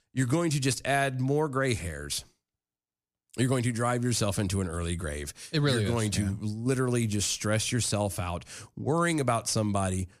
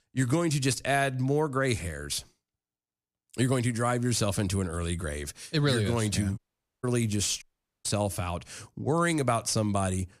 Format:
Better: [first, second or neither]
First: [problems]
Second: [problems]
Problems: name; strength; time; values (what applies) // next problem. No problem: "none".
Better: first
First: none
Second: audio cutting out; at 6.5 s and at 7.5 s